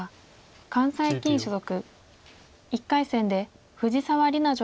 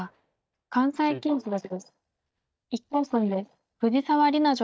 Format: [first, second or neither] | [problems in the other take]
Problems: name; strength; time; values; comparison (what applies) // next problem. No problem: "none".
first | noise reduction (neural mask model DeepFilterNet 3)